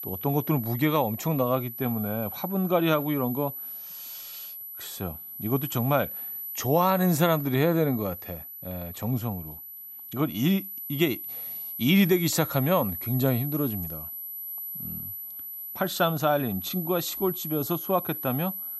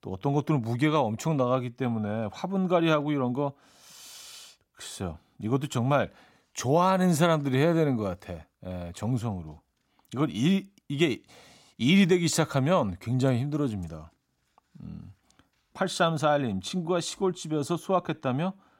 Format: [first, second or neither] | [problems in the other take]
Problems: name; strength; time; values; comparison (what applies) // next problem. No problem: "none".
second | high-pitched whine; loud; throughout; 12 kHz, 8 dB below the speech